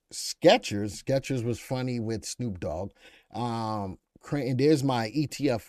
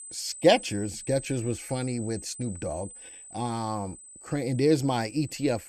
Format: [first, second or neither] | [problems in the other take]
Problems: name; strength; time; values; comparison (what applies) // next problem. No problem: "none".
first | high-pitched whine; noticeable; throughout; 8 kHz, 15 dB below the speech